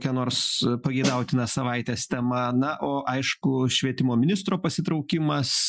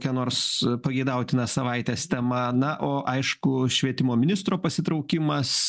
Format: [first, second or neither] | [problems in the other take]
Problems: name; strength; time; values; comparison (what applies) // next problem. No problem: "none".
second | noise reduction (classical method Wiener filter)